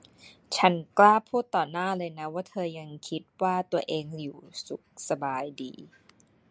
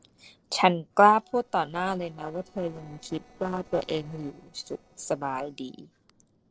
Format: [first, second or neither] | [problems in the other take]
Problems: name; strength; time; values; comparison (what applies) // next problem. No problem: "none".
first | noise reduction (neural separator model SepFormer DNS4)